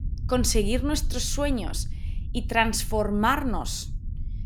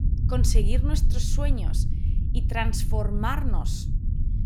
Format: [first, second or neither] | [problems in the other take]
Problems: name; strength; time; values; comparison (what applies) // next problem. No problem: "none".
first | low rumble; loud; throughout; 10 dB below the speech; faint in the first